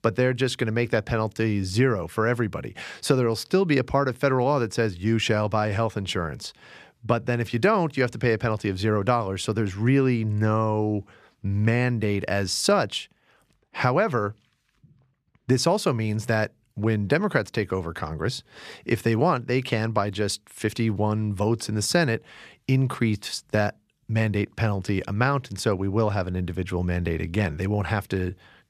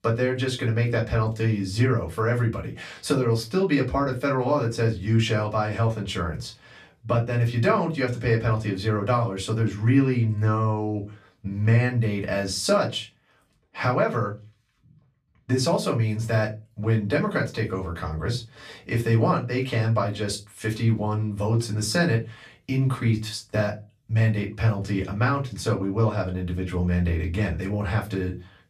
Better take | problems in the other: first | off-mic speech; far // room echo; very slight; dies away in 0.2 s

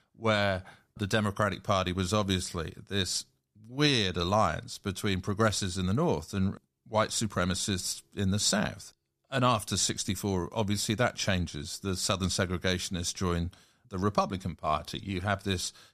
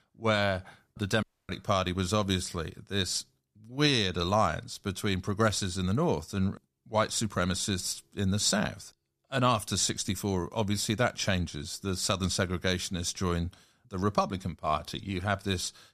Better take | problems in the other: first | audio cutting out; at 1 s

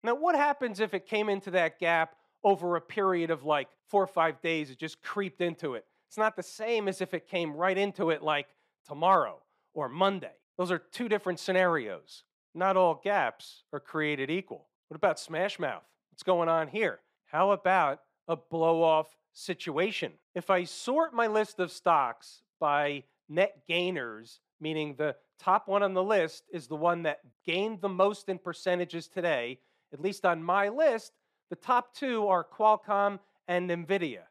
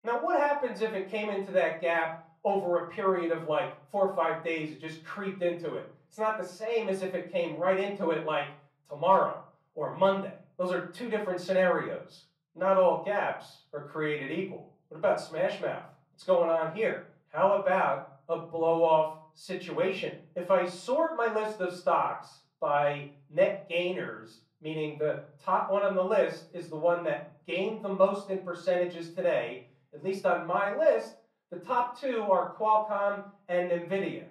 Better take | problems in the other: first | off-mic speech; far // room echo; slight; dies away in 0.4 s

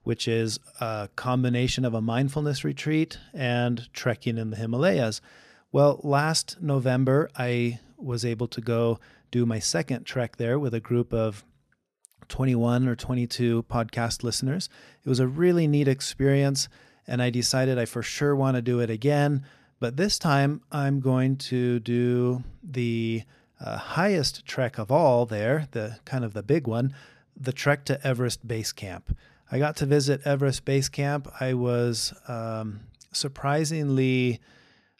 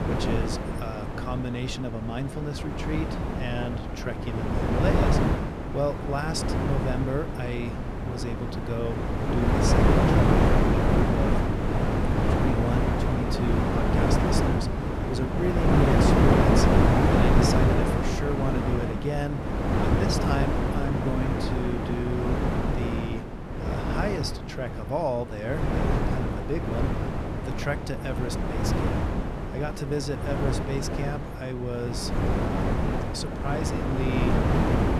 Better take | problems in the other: first | wind noise on the microphone; heavy; 5 dB above the speech

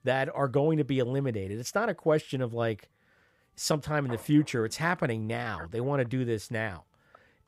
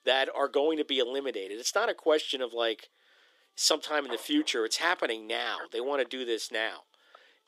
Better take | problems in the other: first | thin; somewhat; fading below 300 Hz

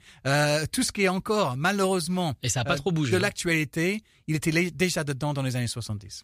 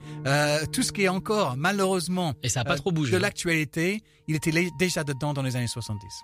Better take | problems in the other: first | background music; noticeable; throughout; 20 dB below the speech

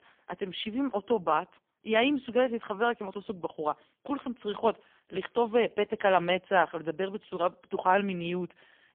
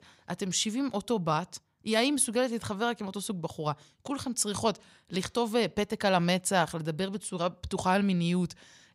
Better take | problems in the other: second | phone-call audio; poor line; nothing above 3.5 kHz

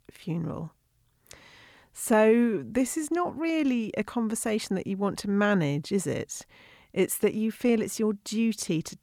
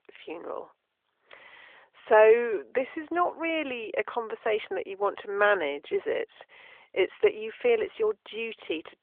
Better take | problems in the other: first | phone-call audio

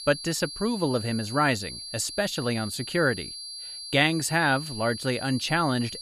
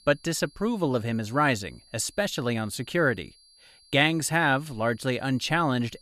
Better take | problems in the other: second | high-pitched whine; loud; throughout; 4.5 kHz, 9 dB below the speech; faint in the second

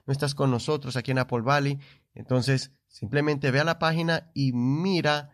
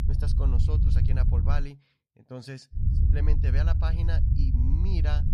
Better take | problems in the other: first | low rumble; loud; until 1.5 s and from 3 s on; 1 dB below the speech

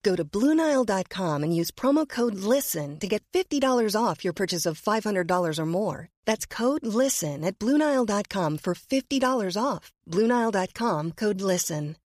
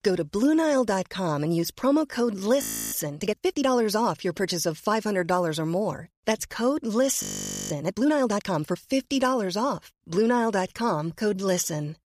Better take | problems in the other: first | audio freezing; at 2.5 s and at 7 s

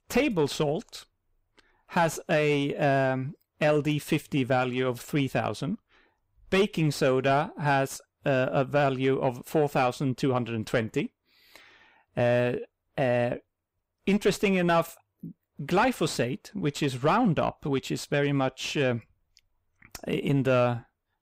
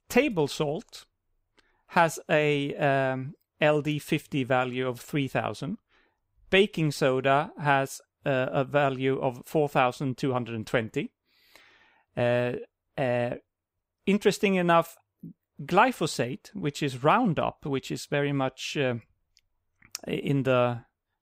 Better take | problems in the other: second | distortion; slight; 10 dB below the speech

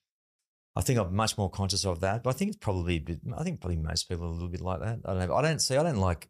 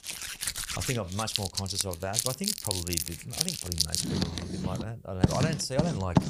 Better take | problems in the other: first | household noises; very loud; throughout; 4 dB above the speech

